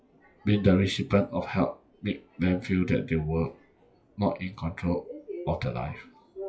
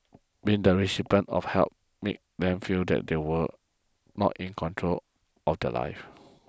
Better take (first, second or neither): second